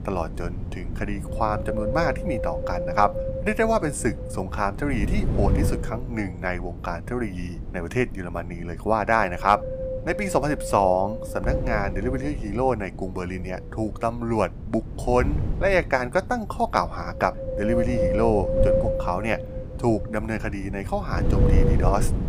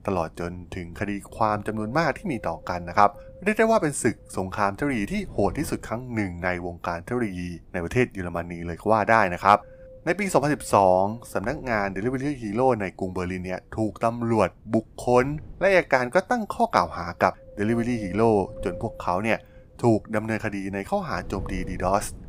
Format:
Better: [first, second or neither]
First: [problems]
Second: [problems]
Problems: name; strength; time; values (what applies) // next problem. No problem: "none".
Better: second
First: wind noise on the microphone; heavy; 5 dB below the speech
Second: wind noise on the microphone; occasional gusts; 20 dB below the speech